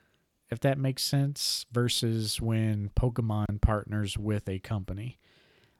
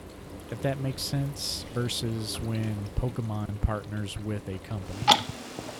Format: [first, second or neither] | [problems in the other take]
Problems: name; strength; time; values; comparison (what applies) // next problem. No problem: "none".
first | household noises; very loud; throughout; 1 dB above the speech